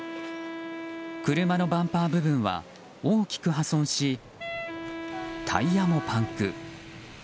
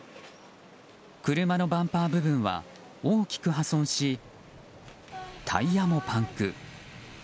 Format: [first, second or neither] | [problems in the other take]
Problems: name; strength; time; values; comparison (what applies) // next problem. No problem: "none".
second | background sound (Wind instrument, woodwind instrument); 11 dB below the speech